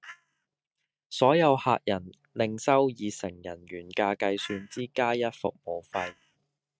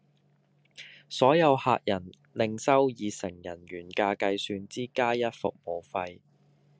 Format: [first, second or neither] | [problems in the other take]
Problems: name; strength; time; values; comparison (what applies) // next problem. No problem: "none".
second | noise reduction (neural mask model RNNoise)